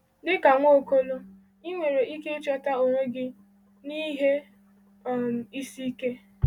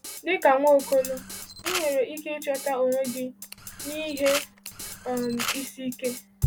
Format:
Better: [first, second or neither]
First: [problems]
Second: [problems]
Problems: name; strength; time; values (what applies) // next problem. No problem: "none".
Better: first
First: none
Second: background sound (Drum kit + Camera); 10 dB below the speech